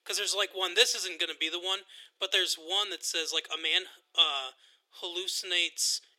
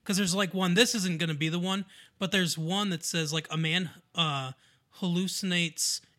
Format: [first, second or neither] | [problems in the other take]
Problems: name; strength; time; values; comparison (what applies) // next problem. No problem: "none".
second | thin; very; fading below 350 Hz